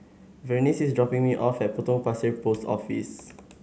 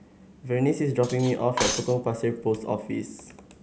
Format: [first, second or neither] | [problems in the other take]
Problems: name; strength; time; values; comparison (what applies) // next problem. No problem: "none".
first | background sound (Cutlery, silverware); 8 dB below the speech